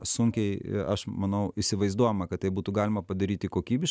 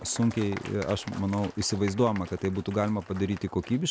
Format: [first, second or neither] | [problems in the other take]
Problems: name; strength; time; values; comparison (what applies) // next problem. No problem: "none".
first | background sound (Applause); 17 dB below the speech